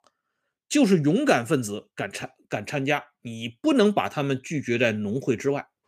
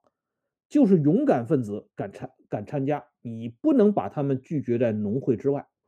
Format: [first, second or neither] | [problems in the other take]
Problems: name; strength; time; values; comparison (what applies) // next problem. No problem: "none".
first | muffled; very; fading above 1.5 kHz